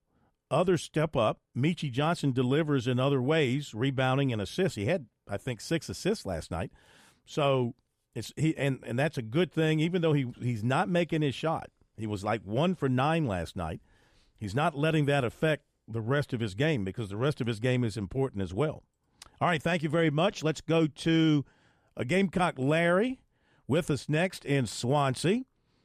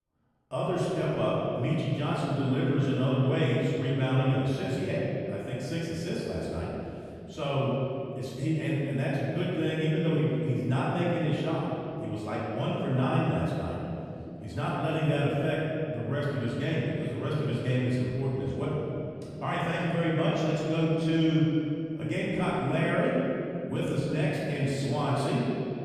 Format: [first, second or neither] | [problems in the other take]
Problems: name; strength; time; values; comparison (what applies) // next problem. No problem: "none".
first | room echo; strong; dies away in 2.8 s // off-mic speech; far